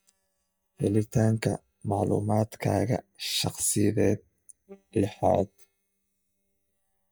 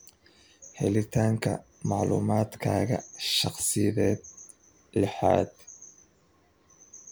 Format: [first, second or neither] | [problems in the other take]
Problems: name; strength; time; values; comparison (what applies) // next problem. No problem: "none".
second | noise reduction (neural mask model DeepFilterNet 3)